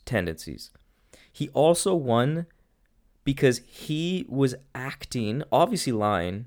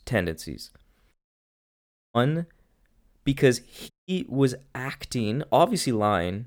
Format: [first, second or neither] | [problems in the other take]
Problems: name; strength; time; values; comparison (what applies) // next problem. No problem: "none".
first | audio cutting out; at 1 s for 1 s and at 4 s